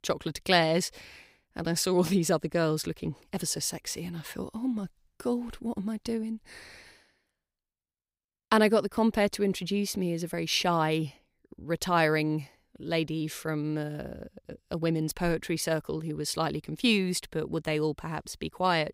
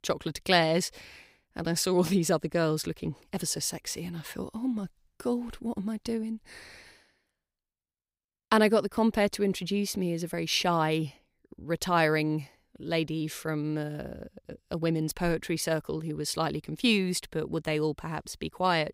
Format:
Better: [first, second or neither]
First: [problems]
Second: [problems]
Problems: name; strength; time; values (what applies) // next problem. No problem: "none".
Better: neither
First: none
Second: none